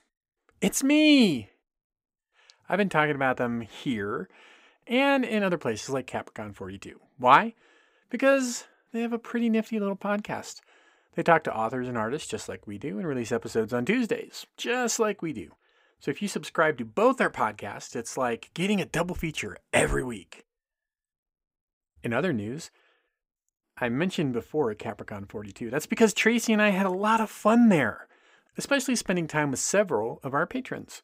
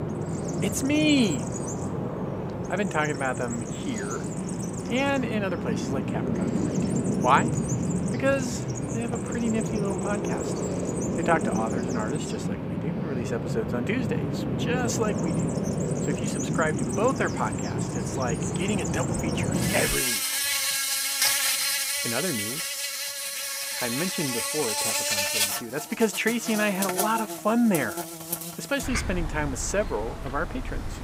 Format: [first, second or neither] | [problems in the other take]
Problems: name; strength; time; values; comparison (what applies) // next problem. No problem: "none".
first | animal sounds; very loud; throughout; 1 dB above the speech